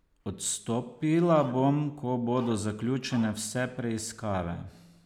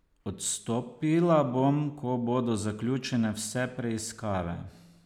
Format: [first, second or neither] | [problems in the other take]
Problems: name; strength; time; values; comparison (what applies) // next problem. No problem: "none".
second | background sound (Dog); 19 dB below the speech